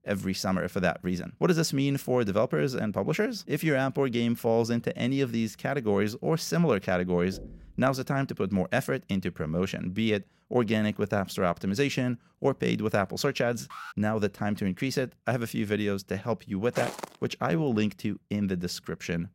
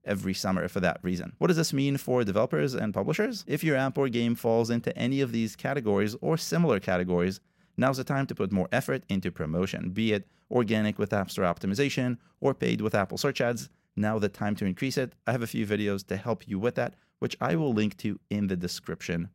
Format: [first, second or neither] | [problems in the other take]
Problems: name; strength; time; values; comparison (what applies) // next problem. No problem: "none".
second | door banging; faint; at 7.5 s; peak 15 dB below the speech // alarm; faint; at 14 s; peak 15 dB below the speech // footsteps; noticeable; at 17 s; peak 7 dB below the speech